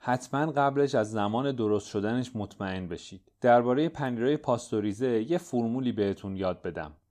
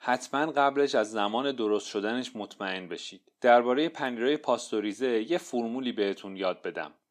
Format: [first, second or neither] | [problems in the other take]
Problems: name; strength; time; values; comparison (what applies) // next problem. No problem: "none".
first | thin; very slightly; fading below 250 Hz